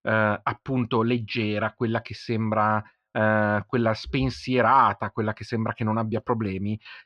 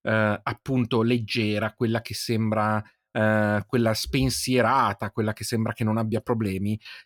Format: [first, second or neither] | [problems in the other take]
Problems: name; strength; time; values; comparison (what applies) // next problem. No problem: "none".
second | muffled; slightly; fading above 4 kHz